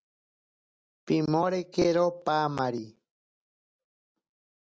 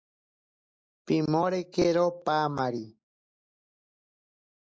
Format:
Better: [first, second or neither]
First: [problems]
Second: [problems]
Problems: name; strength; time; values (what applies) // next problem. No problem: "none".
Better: first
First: none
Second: noise reduction (neural mask model Resemble Enhance denoiser)